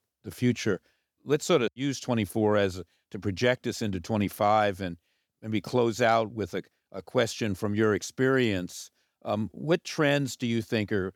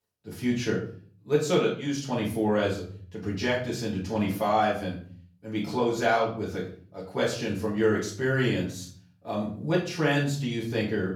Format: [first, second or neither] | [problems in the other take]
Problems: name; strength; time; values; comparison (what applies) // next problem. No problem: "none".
first | off-mic speech; far // room echo; slight; dies away in 0.5 s